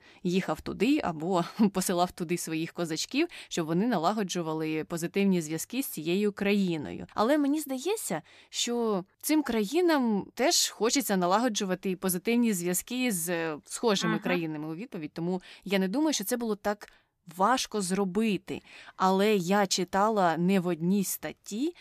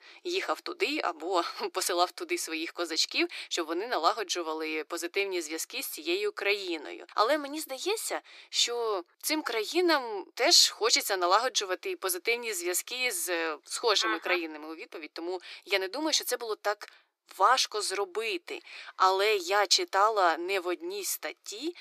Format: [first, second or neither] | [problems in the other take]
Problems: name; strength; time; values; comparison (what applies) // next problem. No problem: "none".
first | thin; very; fading below 350 Hz